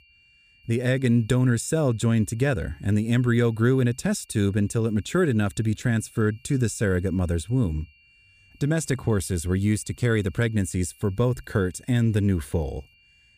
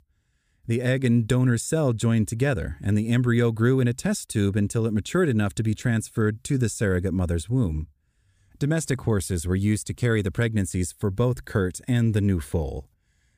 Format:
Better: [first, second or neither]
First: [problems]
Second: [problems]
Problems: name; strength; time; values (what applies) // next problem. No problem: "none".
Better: second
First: high-pitched whine; faint; throughout; 3 kHz, 30 dB below the speech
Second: none